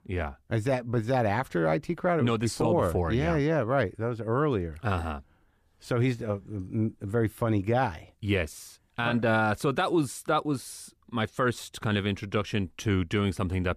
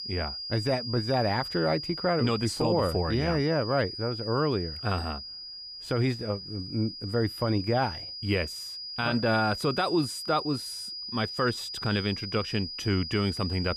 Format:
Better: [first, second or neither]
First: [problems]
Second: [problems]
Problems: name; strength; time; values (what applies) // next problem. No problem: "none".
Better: first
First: none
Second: high-pitched whine; loud; throughout; 5 kHz, 7 dB below the speech